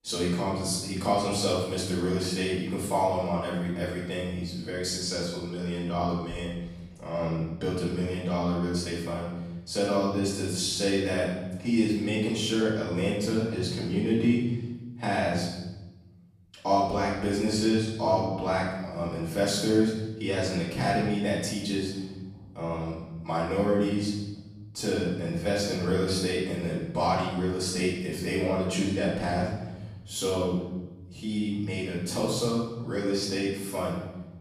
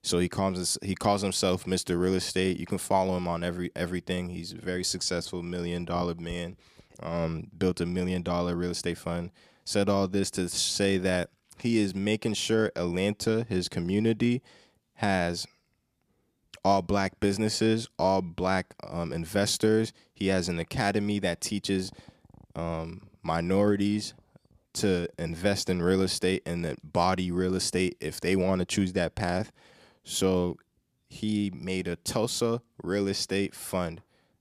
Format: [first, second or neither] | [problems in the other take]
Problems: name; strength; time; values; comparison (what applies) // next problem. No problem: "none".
second | off-mic speech; far // room echo; noticeable; dies away in 1.1 s